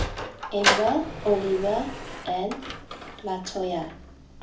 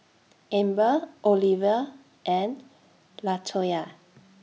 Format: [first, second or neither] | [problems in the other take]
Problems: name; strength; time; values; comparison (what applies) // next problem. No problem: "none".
second | background sound (Sliding door); 3 dB below the speech // room echo; dies away in 0.4 s